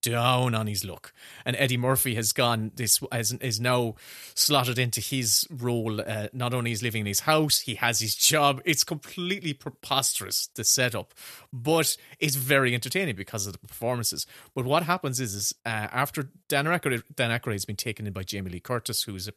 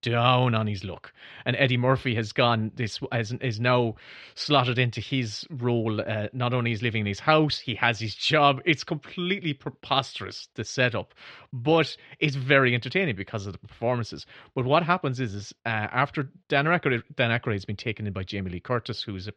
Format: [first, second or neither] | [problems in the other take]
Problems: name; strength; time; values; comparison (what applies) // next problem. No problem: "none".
first | muffled; slightly; fading above 3.5 kHz